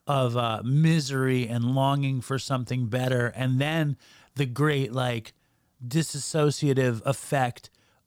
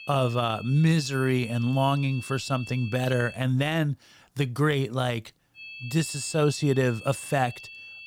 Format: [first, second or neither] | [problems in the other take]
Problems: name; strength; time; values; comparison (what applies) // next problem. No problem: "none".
first | high-pitched whine; noticeable; until 3.5 s and from 5.5 s on; 2.5 kHz, 15 dB below the speech